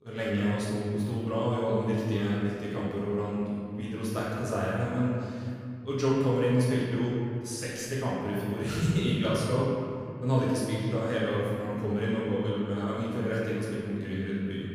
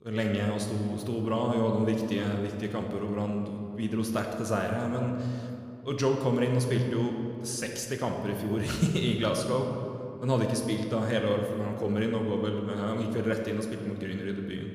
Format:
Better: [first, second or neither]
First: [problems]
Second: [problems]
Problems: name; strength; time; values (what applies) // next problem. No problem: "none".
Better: second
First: room echo; strong; dies away in 2.4 s // off-mic speech; far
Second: room echo; slight; dies away in 2 s